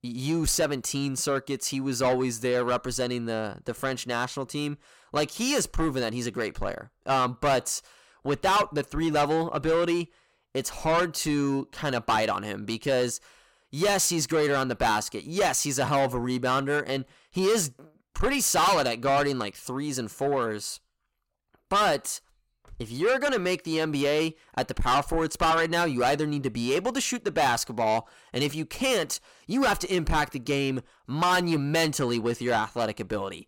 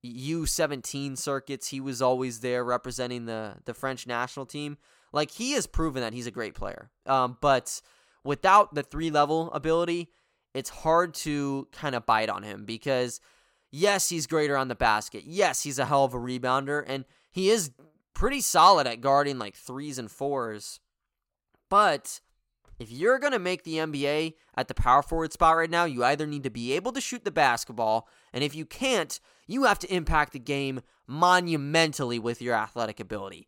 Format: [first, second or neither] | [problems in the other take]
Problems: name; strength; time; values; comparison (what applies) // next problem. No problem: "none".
second | distortion; heavy; 6 dB below the speech